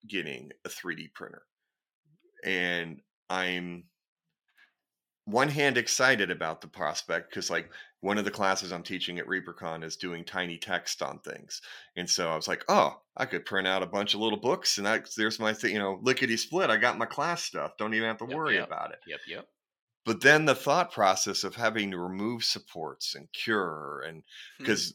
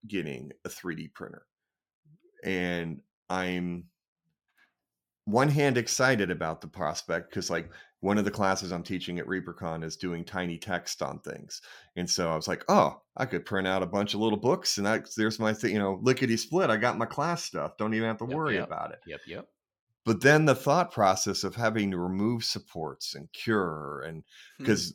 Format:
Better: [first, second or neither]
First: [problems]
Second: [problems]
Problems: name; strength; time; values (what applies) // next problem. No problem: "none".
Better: second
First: thin; very slightly; fading below 350 Hz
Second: none